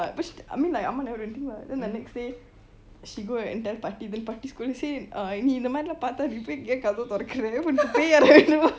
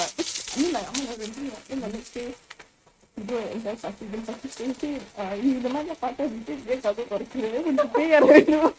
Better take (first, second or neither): first